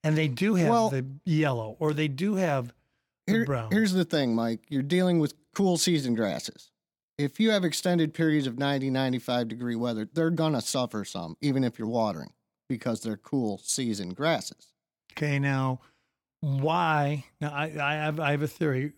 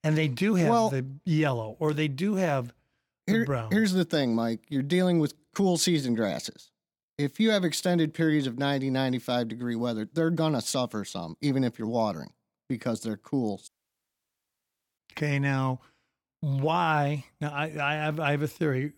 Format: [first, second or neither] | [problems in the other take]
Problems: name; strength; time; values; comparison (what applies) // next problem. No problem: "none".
first | audio cutting out; at 14 s for 1.5 s